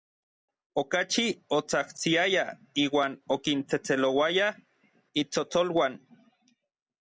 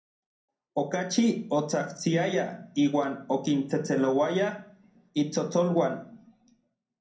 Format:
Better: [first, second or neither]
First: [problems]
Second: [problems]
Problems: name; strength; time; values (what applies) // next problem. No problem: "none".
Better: first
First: none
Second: room echo; dies away in 0.6 s